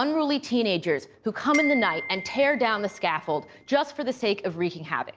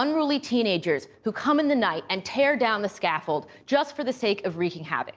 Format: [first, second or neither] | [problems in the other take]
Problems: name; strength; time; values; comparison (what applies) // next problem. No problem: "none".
second | background sound (Glockenspiel); 9 dB below the speech